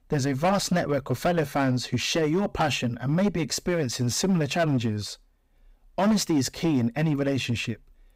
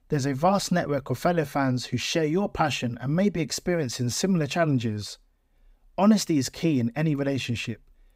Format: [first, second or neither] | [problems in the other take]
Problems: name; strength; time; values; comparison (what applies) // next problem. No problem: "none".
second | distortion; slight; 8% of the sound clipped